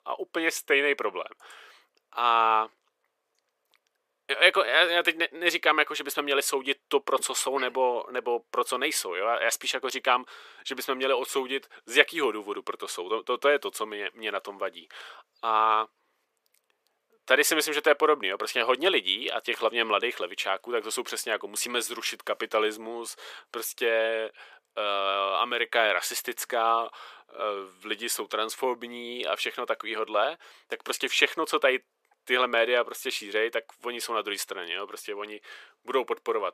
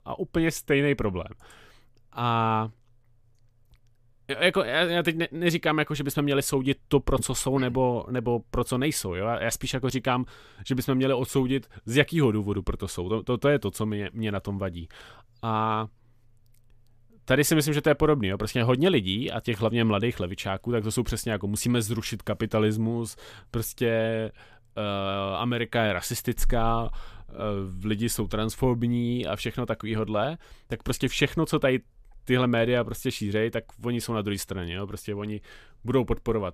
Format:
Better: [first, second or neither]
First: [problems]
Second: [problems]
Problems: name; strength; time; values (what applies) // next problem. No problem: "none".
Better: second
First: thin; very; fading below 400 Hz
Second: none